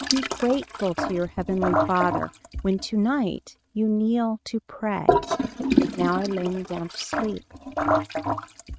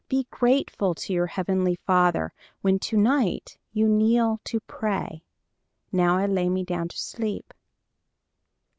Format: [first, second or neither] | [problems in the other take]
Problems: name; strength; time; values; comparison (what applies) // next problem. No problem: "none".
second | noise reduction (neural mask model RNNoise)